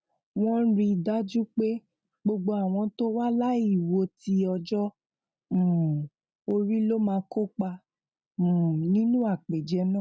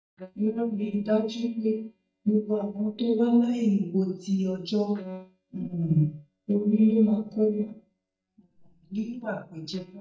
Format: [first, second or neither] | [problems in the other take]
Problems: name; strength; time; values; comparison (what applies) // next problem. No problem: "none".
first | noise reduction (neural mask model DeepFilterNet 3)